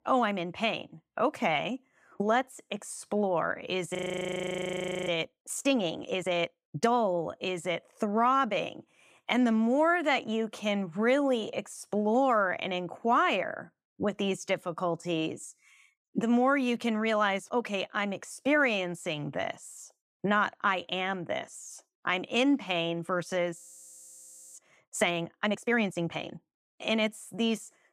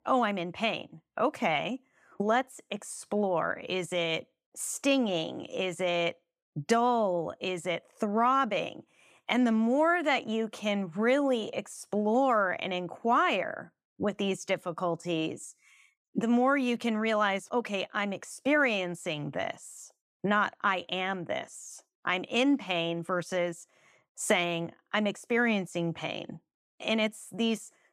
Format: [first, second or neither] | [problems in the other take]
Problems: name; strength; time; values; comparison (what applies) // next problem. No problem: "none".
second | audio freezing; at 4 s for 1 s and at 24 s for 1 s